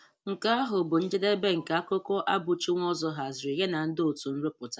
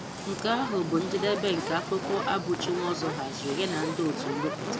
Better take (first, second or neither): first